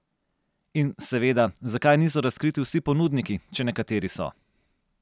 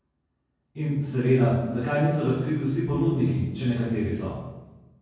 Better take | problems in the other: first | room echo; dies away in 1.3 s

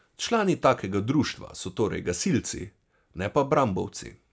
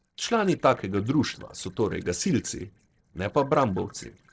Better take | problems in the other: first | noise reduction (neural separator model SepFormer DNS4)

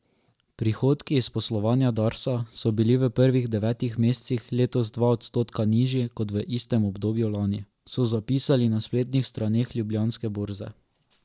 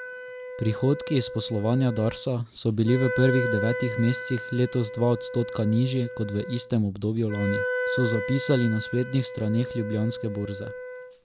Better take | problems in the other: first | background sound (Wind instrument, woodwind instrument); 8 dB below the speech

